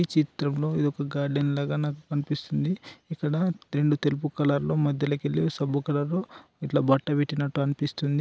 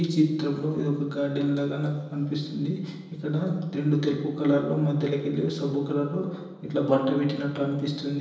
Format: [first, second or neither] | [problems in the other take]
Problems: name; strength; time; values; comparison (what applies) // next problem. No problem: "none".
first | room echo; dies away in 1 s